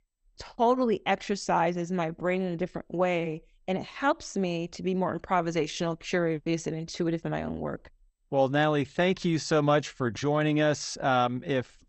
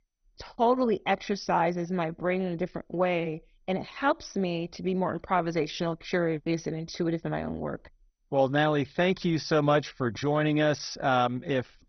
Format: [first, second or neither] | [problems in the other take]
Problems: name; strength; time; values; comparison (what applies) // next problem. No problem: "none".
first | garbled, watery; badly; nothing above 6 kHz; slightly in the first